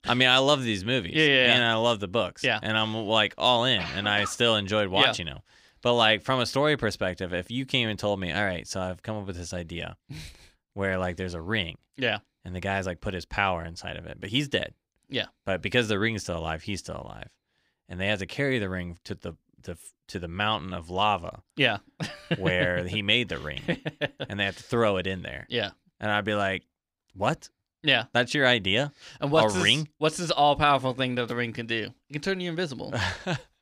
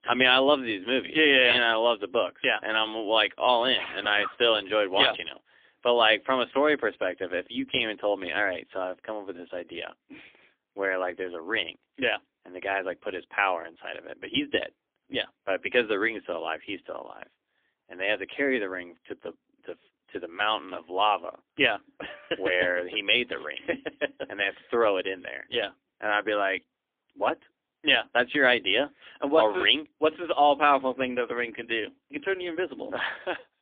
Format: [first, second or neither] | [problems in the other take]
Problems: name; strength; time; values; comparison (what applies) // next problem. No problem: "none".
first | phone-call audio; poor line; nothing above 3.5 kHz